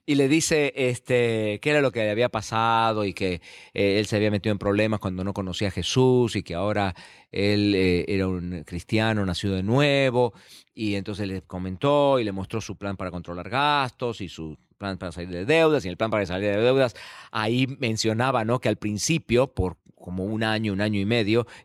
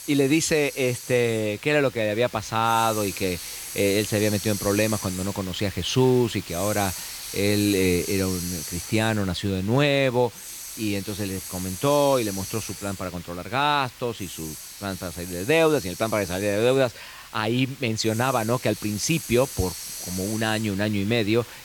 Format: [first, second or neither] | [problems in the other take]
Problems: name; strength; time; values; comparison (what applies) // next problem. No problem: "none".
first | hiss; noticeable; throughout; 10 dB below the speech